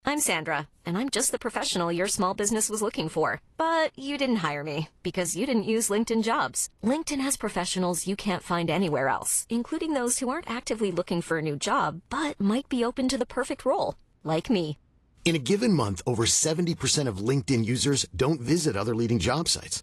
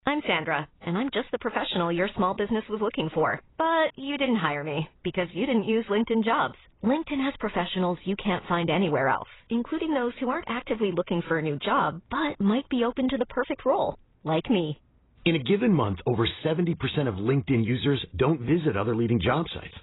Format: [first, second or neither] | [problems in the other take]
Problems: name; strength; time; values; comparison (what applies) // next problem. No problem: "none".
first | garbled, watery; badly; nothing above 4 kHz; slightly in the first